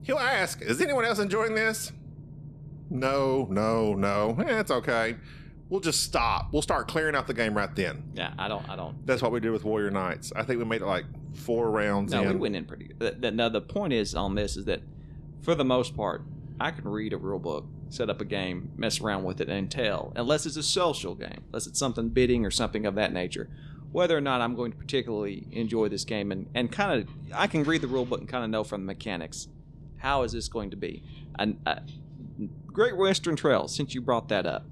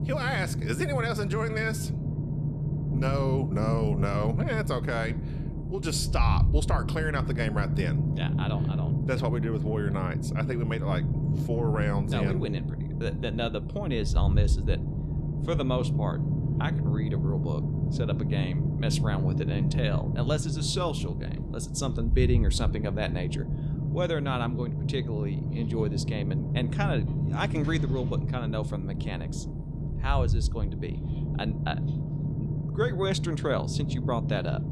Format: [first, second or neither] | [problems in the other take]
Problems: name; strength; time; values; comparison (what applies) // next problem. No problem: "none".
first | low rumble; loud; throughout; 6 dB below the speech; faint in the first